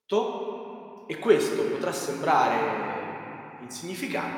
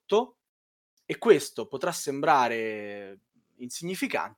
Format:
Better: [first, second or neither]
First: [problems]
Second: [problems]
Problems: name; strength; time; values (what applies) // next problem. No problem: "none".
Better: second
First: room echo; noticeable; dies away in 3 s // off-mic speech; somewhat distant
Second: none